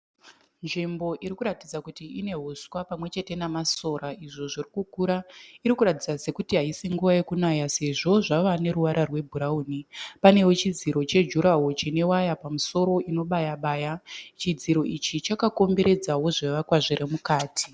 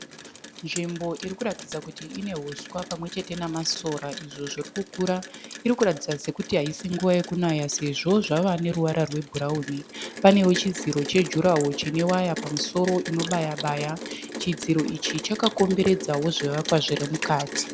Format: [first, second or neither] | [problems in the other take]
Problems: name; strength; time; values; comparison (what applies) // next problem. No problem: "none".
first | background sound (Rain); 11 dB below the speech